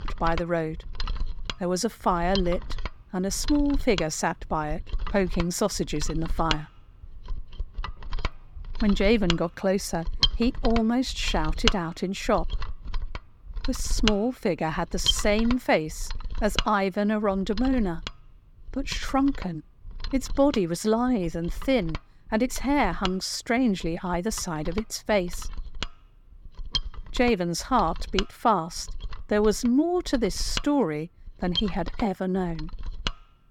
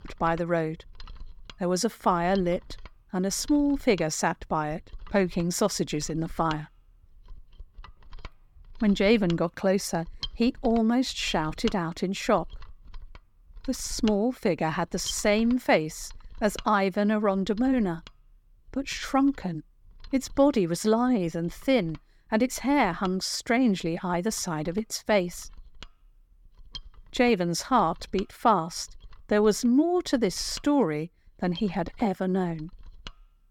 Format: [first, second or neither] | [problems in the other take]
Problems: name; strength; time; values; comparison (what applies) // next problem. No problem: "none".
second | machinery noise; loud; throughout; 7 dB below the speech; faint in the second